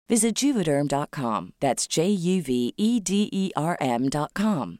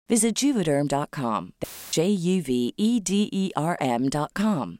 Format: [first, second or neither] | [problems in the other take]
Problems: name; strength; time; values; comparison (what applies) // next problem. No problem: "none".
first | audio cutting out; filled with static; at 1.5 s